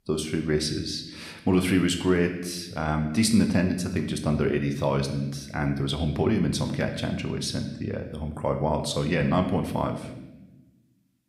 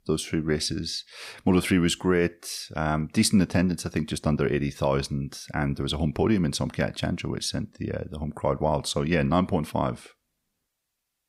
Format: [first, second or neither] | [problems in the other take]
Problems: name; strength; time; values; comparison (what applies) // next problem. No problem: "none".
second | room echo; slight; dies away in 0.8 s